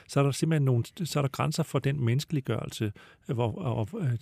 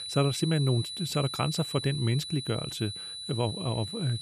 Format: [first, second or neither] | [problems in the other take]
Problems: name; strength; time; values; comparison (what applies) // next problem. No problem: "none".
first | high-pitched whine; loud; throughout; 4 kHz, 6 dB below the speech